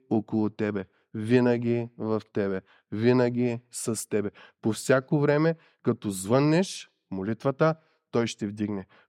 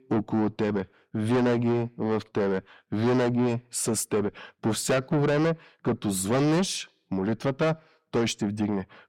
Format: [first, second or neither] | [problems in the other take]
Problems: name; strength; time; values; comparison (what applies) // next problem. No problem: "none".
first | distortion; heavy; 6 dB below the speech